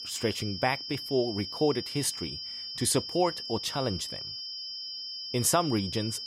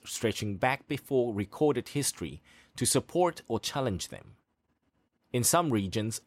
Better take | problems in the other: second | high-pitched whine; loud; throughout; 5 kHz, 6 dB below the speech

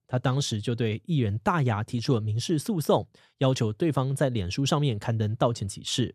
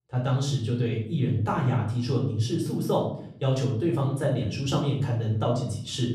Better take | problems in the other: first | off-mic speech; far // room echo; noticeable; dies away in 0.6 s

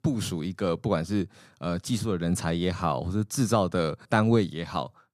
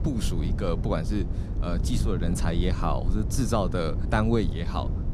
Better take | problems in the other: first | wind noise on the microphone; occasional gusts; 10 dB below the speech

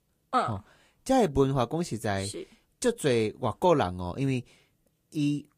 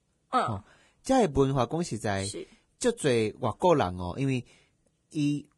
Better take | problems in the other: first | garbled, watery; badly; slightly in the first

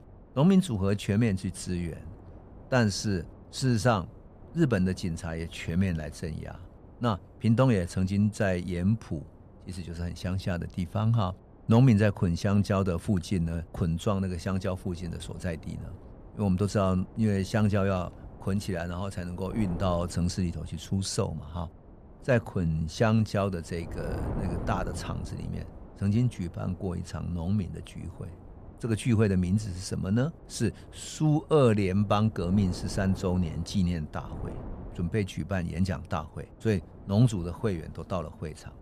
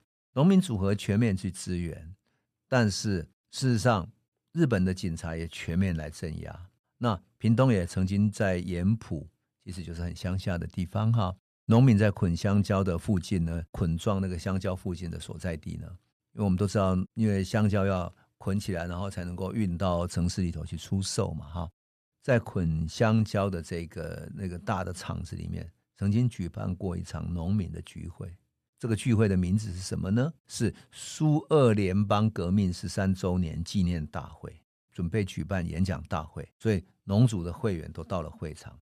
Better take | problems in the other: second | wind noise on the microphone; occasional gusts; 20 dB below the speech

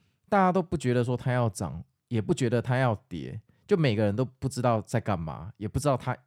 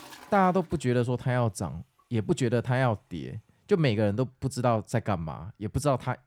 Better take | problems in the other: first | household noises; faint; throughout; 25 dB below the speech

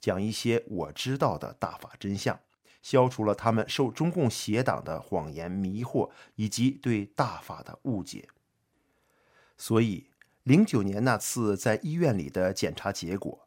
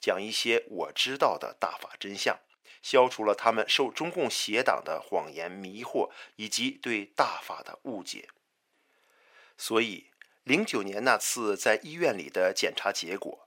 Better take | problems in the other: first | thin; somewhat; fading below 450 Hz

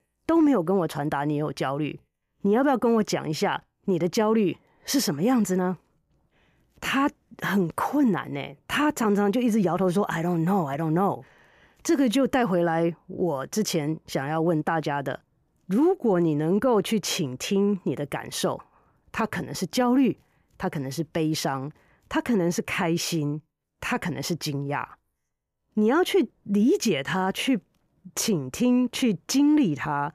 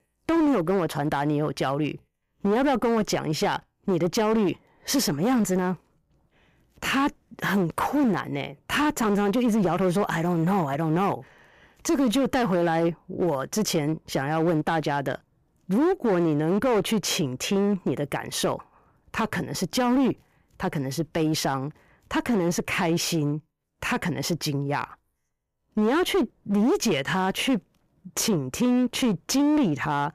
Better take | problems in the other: first | distortion; slight; 14% of the sound clipped

